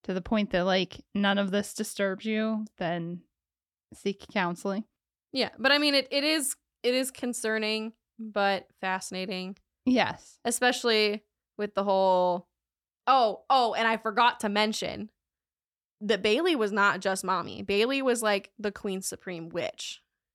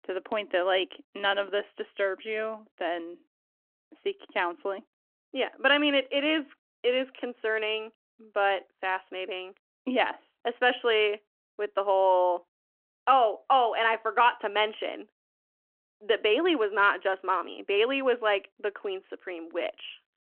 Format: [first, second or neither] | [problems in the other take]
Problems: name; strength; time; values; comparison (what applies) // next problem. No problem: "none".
first | phone-call audio